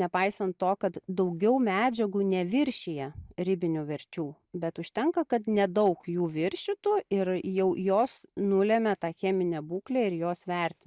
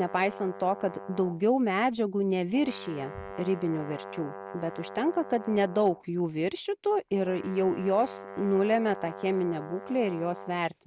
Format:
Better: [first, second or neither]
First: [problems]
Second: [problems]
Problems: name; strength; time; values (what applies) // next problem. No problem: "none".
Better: first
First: none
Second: background sound (Brass instrument); 14 dB below the speech